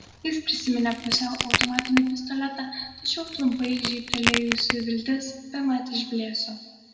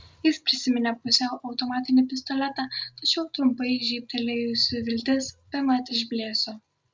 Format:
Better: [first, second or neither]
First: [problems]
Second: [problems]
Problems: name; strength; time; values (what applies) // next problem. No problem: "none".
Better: second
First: background sound (Crack); 3 dB below the speech // room echo; dies away in 1.5 s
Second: none